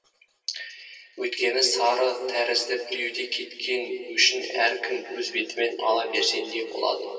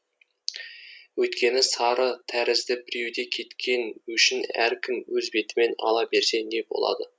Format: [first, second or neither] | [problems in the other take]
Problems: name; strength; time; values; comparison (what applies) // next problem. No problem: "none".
second | room echo; dies away in 2.6 s